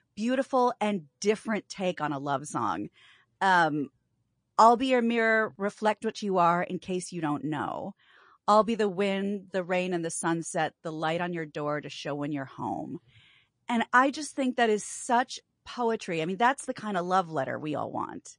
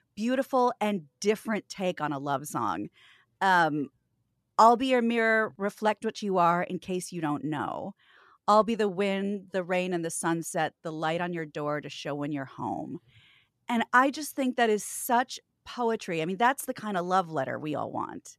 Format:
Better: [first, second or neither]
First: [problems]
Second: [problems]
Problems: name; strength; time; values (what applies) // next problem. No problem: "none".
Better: second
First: garbled, watery; slightly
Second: none